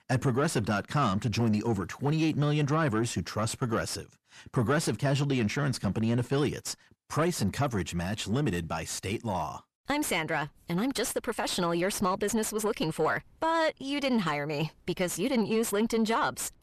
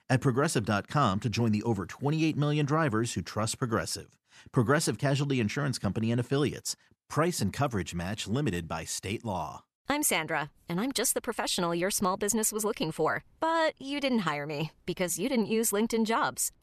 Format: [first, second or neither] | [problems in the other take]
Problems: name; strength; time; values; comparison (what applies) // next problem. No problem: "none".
second | distortion; slight; 10 dB below the speech